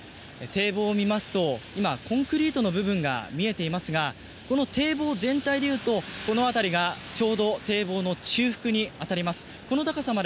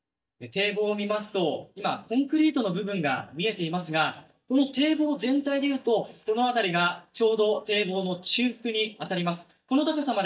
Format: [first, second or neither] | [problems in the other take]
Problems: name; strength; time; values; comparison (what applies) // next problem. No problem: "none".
first | noise reduction (neural mask model DeepFilterNet 3)